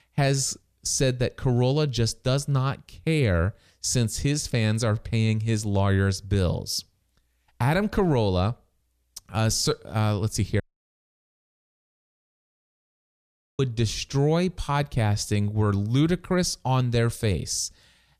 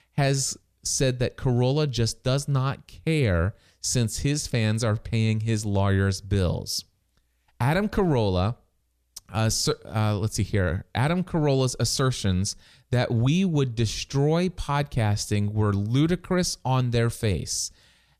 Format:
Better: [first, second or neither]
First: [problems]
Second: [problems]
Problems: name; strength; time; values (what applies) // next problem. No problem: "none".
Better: second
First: audio cutting out; at 11 s for 3 s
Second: none